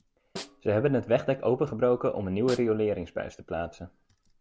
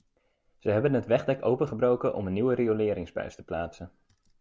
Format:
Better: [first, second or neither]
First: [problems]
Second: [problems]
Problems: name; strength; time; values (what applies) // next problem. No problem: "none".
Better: second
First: background sound (Snare drum); 19 dB below the speech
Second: none